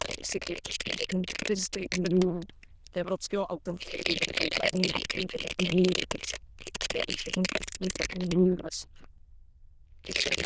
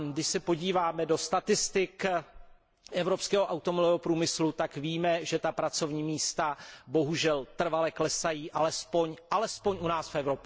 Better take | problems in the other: second | noise reduction (neural diffusion model UNIVERSE++)

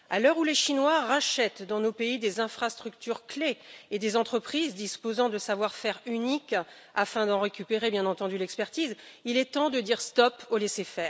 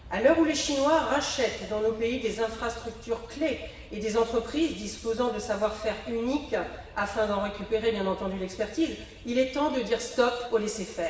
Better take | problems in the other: first | background sound (Aircraft); 19 dB below the speech // room echo; dies away in 1.3 s

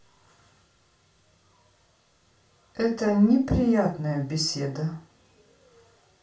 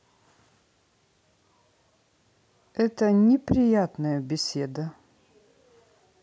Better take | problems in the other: second | room echo; dies away in 0.3 s

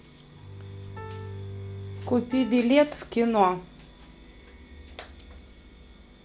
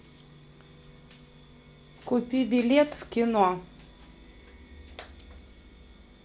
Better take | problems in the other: second | background sound (Piano + Bowed string instrument); 11 dB below the speech

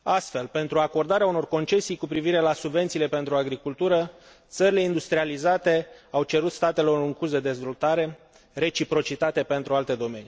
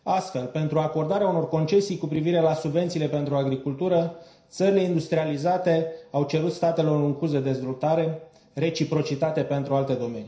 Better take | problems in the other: first | room echo; dies away in 0.5 s

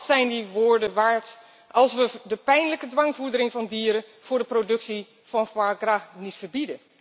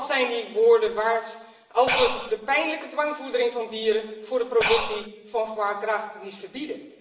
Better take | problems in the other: first | background sound (Breathing); 1 dB below the speech // room echo; dies away in 0.8 s

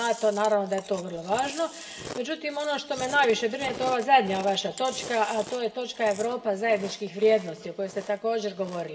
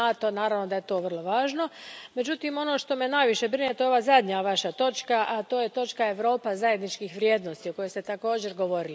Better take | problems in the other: second | background sound (Chewing, mastication); 16 dB below the speech // room echo; dies away in 2 s

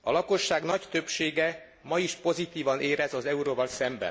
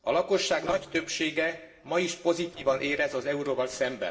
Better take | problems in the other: first | noise reduction (neural separator model SepFormer DNS4)

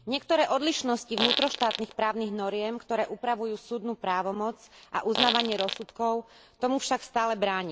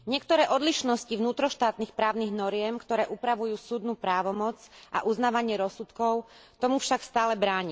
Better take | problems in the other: second | background sound (Fart); 2 dB below the speech

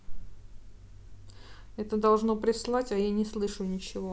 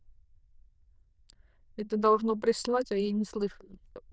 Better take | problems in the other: first | noise reduction (neural diffusion model UNIVERSE++)

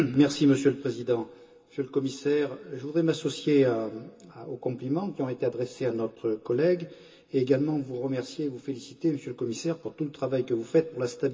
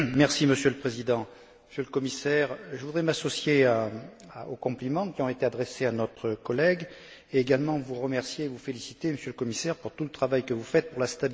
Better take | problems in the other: second | room echo; dies away in 0.2 s

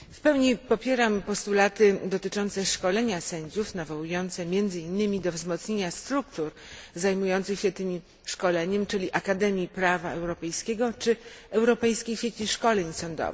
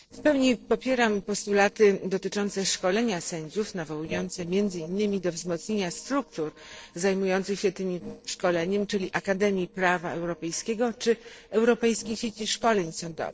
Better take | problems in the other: first | noise reduction (neural separator model SepFormer DNS4)

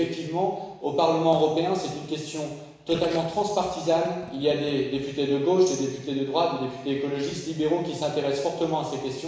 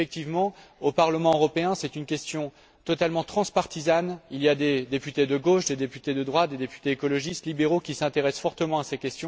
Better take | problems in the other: second | background sound (Gurgling); 19 dB below the speech // room echo; dies away in 1 s

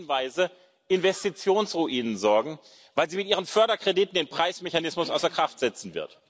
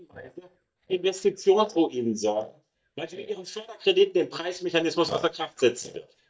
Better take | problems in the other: first | noise reduction (neural mask model DeepFilterNet 3)

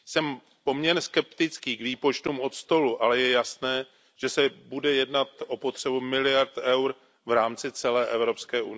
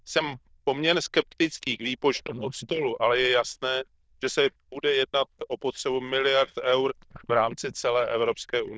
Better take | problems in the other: first | noise reduction (neural diffusion model UNIVERSE++)

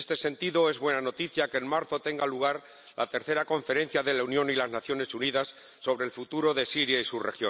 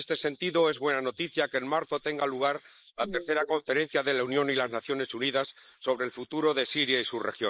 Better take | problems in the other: first | noise reduction (neural mask model Resemble Enhance denoiser)

